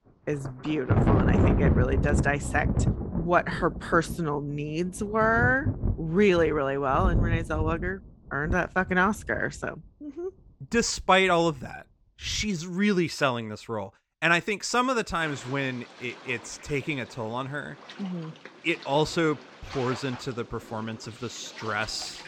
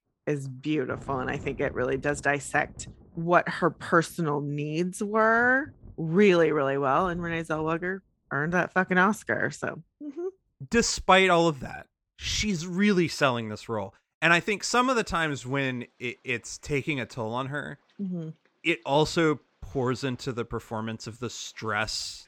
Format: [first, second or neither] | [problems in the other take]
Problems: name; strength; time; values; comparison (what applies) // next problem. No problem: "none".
second | rain or running water; loud; throughout; 1 dB below the speech; faint in the second